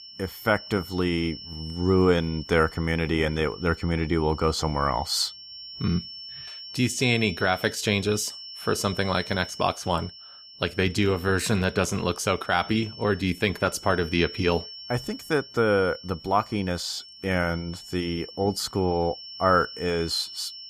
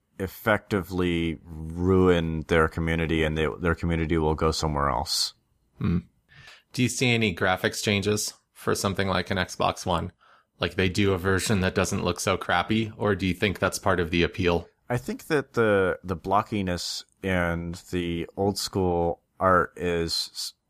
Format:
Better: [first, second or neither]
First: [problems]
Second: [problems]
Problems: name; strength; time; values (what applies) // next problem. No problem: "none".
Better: second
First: high-pitched whine; noticeable; throughout; 5.5 kHz, 15 dB below the speech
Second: none